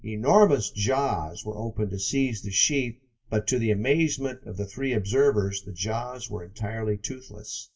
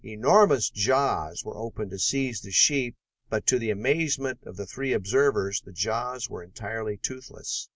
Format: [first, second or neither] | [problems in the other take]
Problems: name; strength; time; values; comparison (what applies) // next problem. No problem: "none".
second | room echo; dies away in 0.2 s